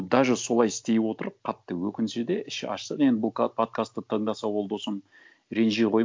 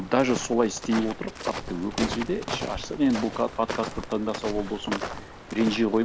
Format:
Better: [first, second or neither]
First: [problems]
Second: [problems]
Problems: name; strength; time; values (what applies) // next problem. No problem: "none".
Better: first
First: none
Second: background sound (Walk, footsteps); 8 dB below the speech